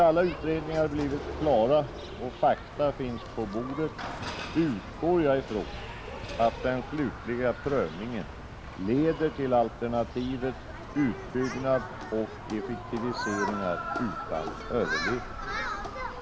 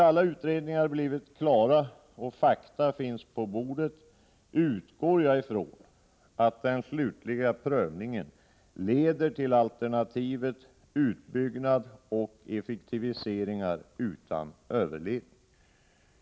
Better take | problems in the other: second | background sound (Human group actions); 8 dB below the speech

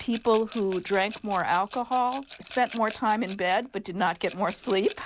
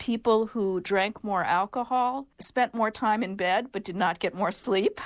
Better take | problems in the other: second | background sound (Rattle / Glass); 20 dB below the speech

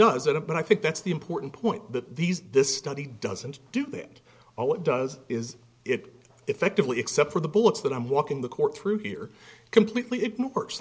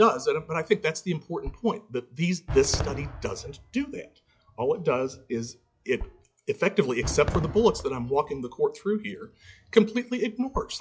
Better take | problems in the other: first | noise reduction (classical method log-MMSE)

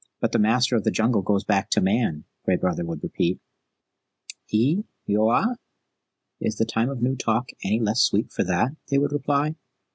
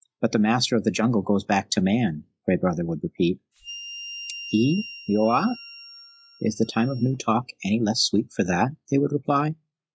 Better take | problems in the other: first | noise reduction (classical method log-MMSE)

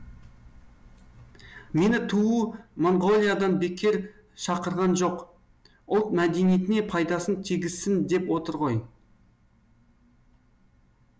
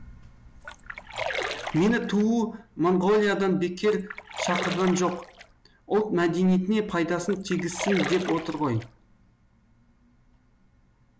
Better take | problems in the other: first | background sound (Splash, splatter); 8 dB below the speech

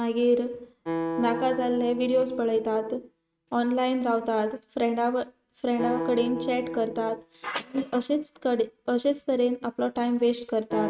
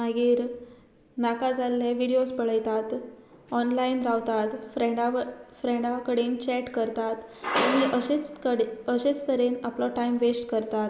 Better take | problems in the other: second | noise reduction (neural mask model RNNoise)

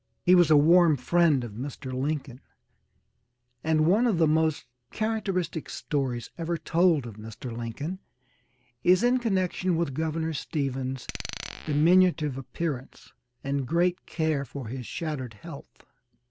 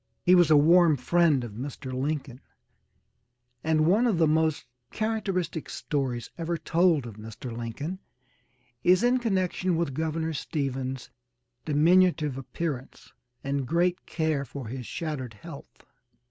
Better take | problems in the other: second | background sound (Glass); 14 dB below the speech

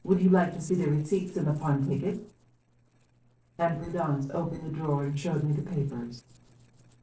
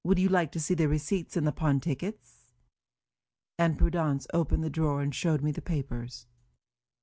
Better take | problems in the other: second | noise reduction (neural separator model SepFormer DNS4)

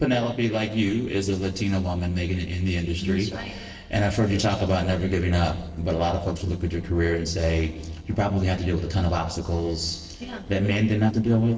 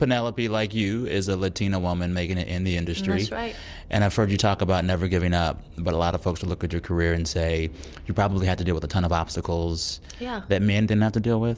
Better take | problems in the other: second | noise reduction (neural separator model SepFormer DNS4)

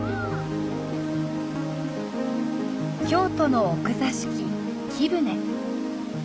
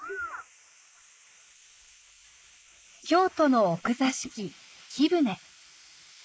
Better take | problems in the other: first | noise reduction (neural mask model Resemble Enhance denoiser)

